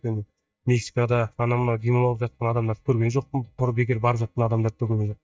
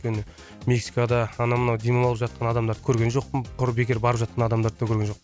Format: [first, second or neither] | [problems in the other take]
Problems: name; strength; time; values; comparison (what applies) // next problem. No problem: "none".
second | noise reduction (neural mask model DeepFilterNet 3)